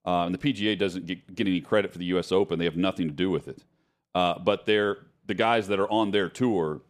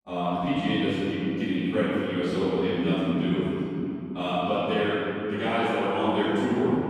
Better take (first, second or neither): first